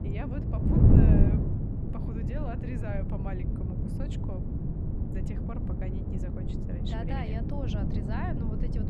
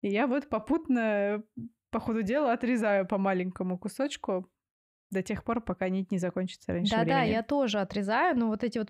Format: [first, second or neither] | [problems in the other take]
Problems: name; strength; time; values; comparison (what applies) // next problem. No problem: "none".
second | wind noise on the microphone; heavy; 4 dB above the speech